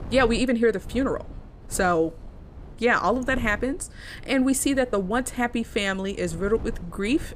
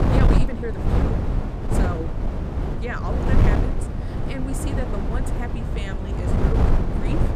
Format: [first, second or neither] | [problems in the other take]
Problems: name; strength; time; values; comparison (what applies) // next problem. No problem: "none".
first | wind noise on the microphone; heavy; 3 dB above the speech; occasional gusts in the first